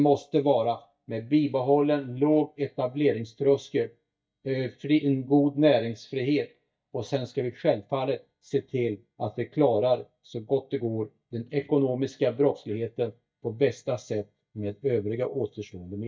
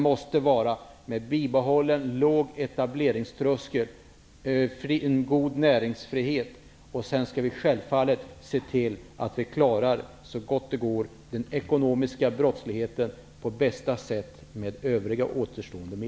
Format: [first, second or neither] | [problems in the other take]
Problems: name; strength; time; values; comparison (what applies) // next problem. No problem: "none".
second | noise reduction (neural mask model DeepFilterNet 3)